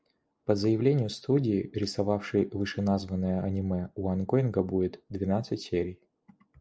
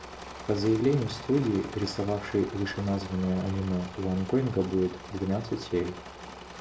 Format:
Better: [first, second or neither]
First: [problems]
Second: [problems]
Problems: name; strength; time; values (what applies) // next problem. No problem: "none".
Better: first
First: none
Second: background sound (Engine / Mechanisms); 13 dB below the speech // room echo; dies away in 0.4 s